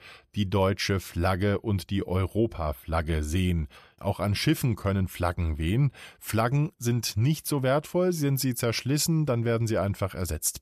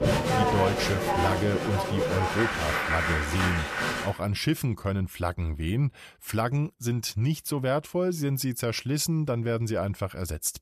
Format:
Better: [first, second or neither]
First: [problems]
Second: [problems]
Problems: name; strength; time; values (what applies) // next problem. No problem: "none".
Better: first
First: none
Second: crowd noise; very loud; until 4 s; 1 dB above the speech